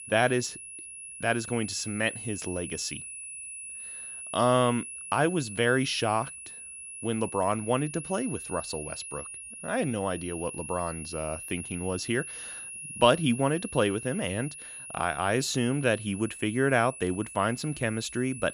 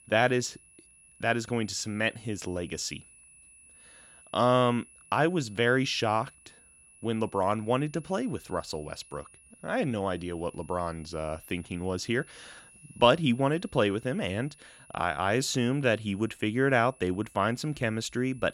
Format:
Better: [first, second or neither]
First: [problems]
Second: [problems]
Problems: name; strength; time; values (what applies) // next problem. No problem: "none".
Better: second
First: high-pitched whine; loud; throughout; 10 kHz, 10 dB below the speech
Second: high-pitched whine; faint; throughout; 10 kHz, 25 dB below the speech